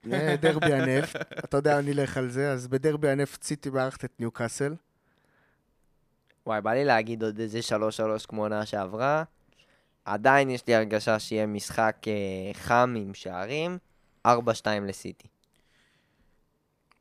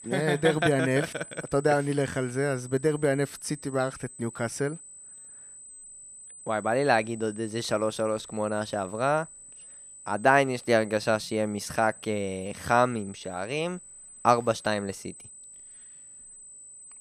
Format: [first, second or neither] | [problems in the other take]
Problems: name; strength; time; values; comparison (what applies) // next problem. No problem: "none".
first | high-pitched whine; noticeable; throughout; 8 kHz, 15 dB below the speech